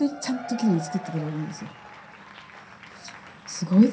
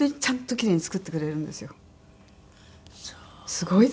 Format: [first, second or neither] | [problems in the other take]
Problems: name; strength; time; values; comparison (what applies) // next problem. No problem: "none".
second | background sound (Applause / Crowd / Cheering); 15 dB below the speech // room echo; dies away in 0.3 s